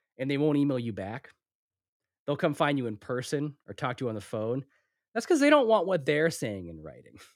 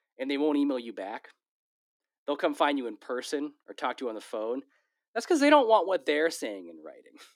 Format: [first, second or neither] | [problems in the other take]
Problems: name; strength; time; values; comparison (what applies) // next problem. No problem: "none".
first | thin; very slightly; fading below 250 Hz